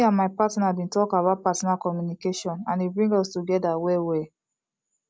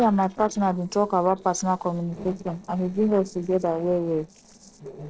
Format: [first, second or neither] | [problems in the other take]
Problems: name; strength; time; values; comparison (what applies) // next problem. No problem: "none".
first | noise reduction (neural separator model SepFormer DNS4)